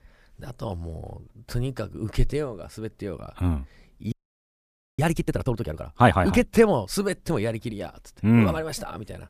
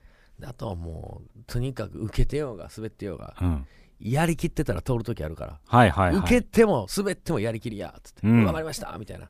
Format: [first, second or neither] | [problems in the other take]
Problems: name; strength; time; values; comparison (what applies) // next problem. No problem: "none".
second | audio freezing; at 4 s for 1 s